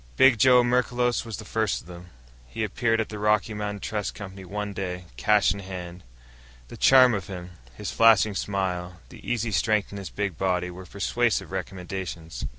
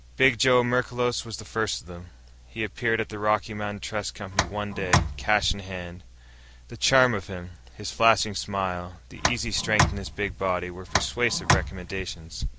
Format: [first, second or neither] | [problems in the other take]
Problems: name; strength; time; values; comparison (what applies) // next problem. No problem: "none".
first | background sound (Tick); 1 dB below the speech